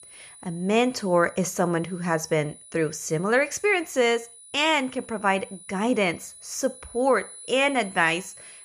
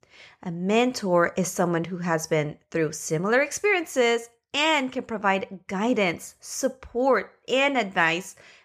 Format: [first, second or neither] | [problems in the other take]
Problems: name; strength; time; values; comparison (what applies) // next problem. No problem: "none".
second | high-pitched whine; noticeable; throughout; 10 kHz, 20 dB below the speech